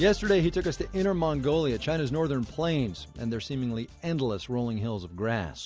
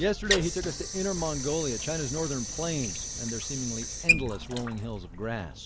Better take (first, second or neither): first